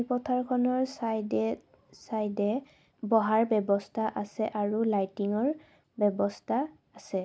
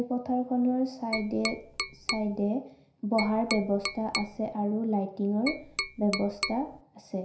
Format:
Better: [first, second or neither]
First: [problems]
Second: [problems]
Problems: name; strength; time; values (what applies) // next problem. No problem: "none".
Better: first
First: none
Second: background sound (Tap); 6 dB below the speech // room echo; dies away in 0.5 s